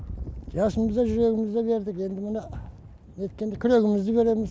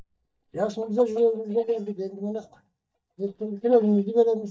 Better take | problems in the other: first | noise reduction (neural mask model DeepFilterNet 3)

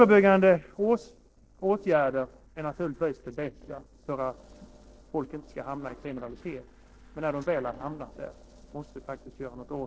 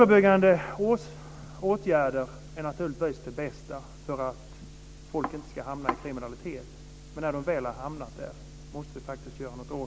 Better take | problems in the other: second | noise reduction (neural separator model SepFormer DNS4)

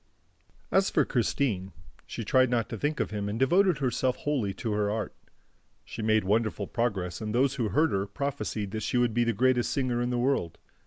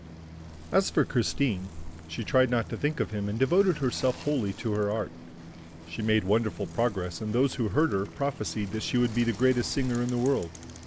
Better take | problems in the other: first | background sound (Bicycle); 16 dB below the speech

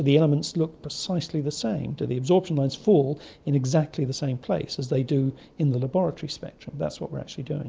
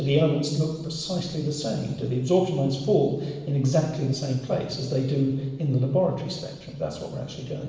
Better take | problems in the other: first | room echo; dies away in 1.2 s

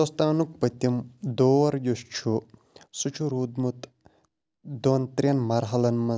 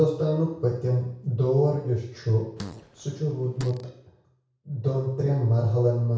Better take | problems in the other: first | background sound (Fart); 17 dB below the speech // room echo; dies away in 0.6 s

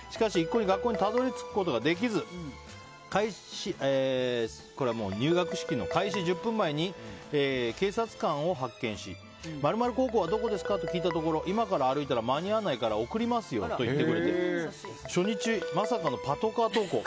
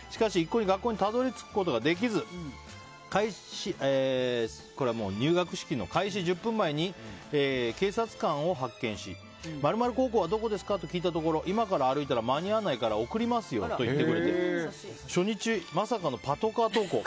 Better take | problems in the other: second | background sound (Guitar); 12 dB below the speech

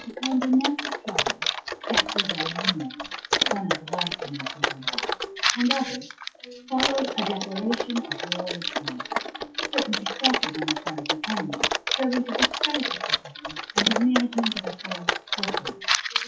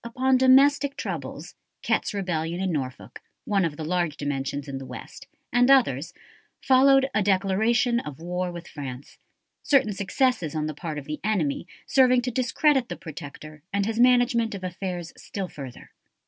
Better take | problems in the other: second | noise reduction (classical method WPE with log-MMSE)

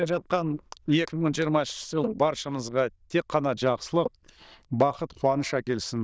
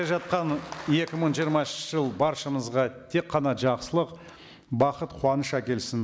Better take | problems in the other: second | noise reduction (neural diffusion model UNIVERSE++)

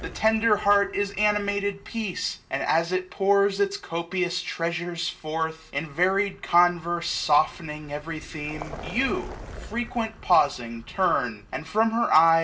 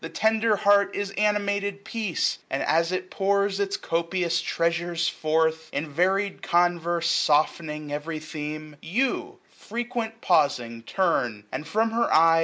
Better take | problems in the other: second | background sound (Vehicle); 19 dB below the speech // room echo; dies away in 0.2 s

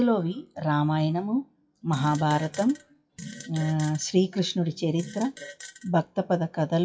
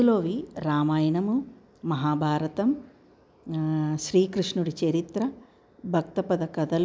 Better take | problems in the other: second | noise reduction (classical method WPE with log-MMSE)

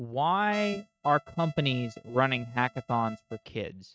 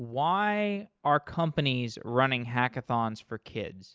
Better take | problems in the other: second | noise reduction (neural mask model RNNoise)

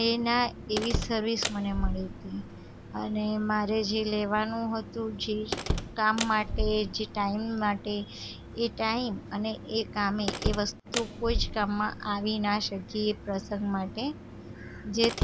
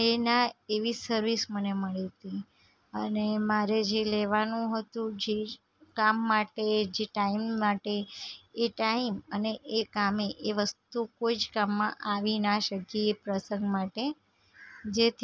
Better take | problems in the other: second | background sound (Slam); 6 dB below the speech

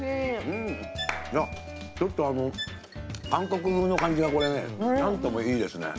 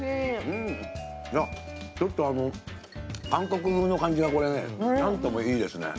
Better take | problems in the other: second | background sound (Bowed string instrument + Clapping); 11 dB below the speech

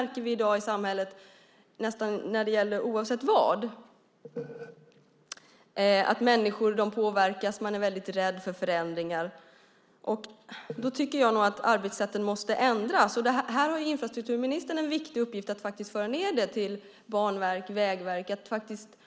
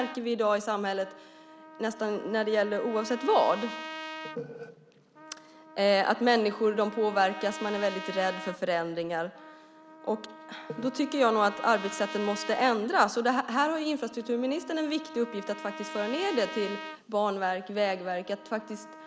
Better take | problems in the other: first | background sound (Trumpet); 14 dB below the speech

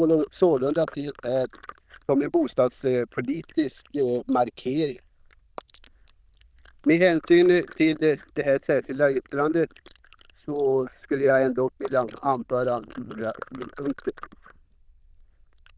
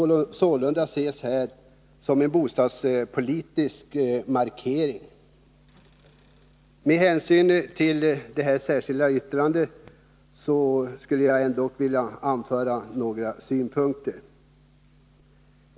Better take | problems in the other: second | noise reduction (neural diffusion model UNIVERSE++)

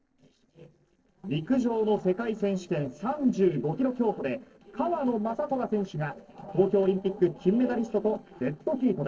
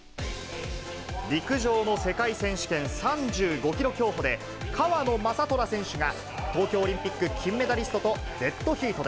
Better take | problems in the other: second | noise reduction (neural separator model SepFormer DNS4)

